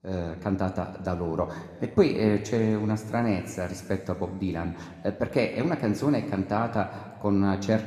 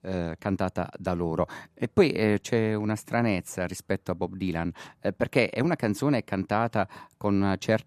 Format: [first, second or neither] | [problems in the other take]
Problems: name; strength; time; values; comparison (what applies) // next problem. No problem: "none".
second | room echo; slight; dies away in 1.6 s